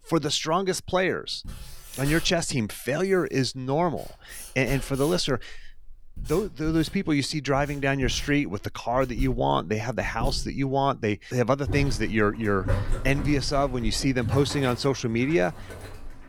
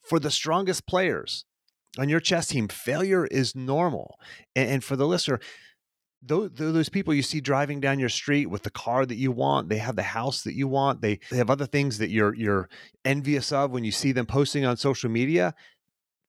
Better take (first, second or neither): second